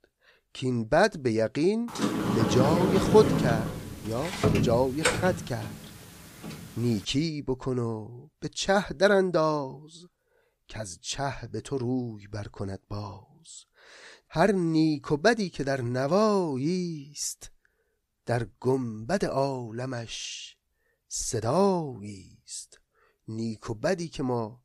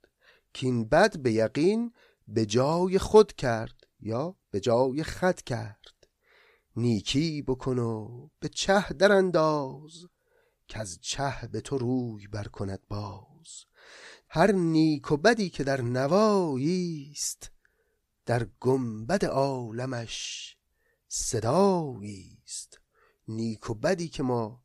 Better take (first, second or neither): second